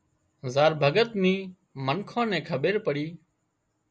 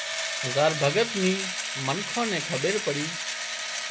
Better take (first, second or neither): first